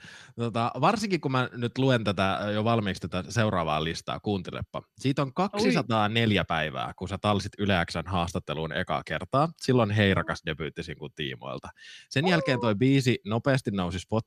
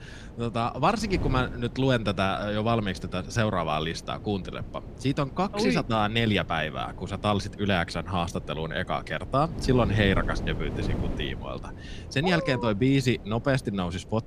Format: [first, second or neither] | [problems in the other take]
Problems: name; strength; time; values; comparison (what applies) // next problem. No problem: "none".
first | wind noise on the microphone; occasional gusts; 15 dB below the speech